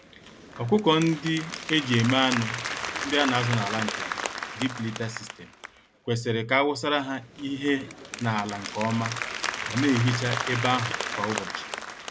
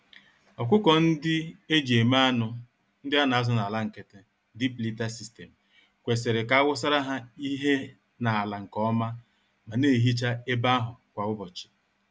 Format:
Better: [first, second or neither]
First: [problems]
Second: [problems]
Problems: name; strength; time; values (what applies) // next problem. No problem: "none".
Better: second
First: background sound (Applause); 6 dB below the speech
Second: none